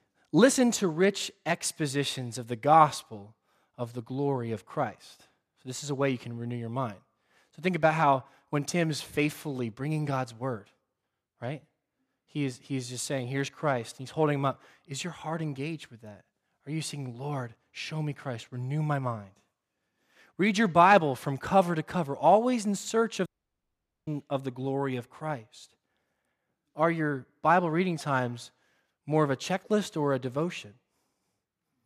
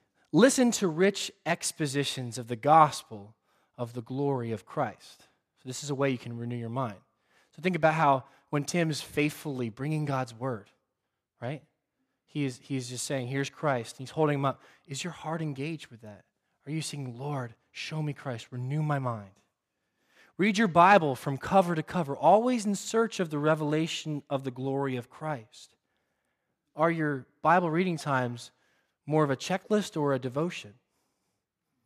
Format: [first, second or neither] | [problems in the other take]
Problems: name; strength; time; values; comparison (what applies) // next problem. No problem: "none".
second | audio cutting out; at 23 s for 1 s